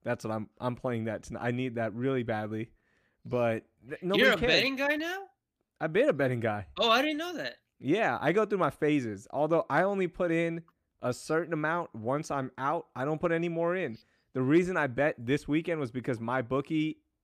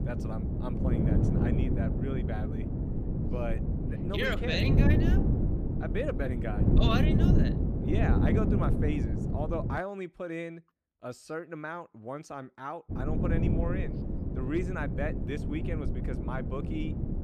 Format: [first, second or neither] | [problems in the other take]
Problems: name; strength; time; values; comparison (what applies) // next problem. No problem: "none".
first | wind noise on the microphone; heavy; until 10 s and from 13 s on; 1 dB below the speech